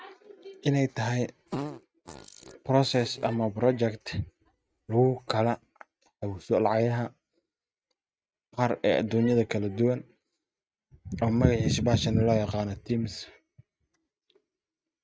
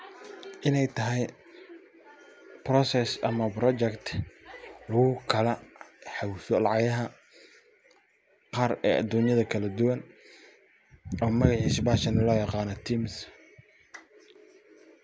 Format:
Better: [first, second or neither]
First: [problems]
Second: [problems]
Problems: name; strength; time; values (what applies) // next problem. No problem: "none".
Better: second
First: noise reduction (neural mask model RNNoise)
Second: none